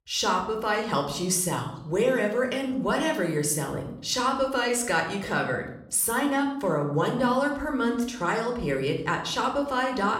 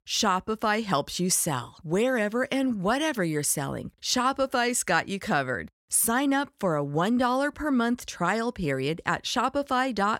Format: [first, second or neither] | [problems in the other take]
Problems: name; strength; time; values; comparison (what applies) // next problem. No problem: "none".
second | room echo; slight; dies away in 0.6 s